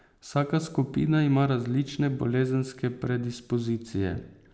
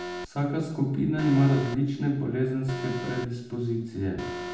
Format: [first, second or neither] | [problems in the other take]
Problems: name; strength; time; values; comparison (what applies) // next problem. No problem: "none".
first | background sound (Alarm); 11 dB below the speech // room echo; dies away in 0.8 s